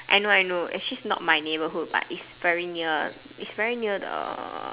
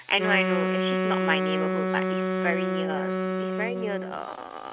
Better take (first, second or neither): first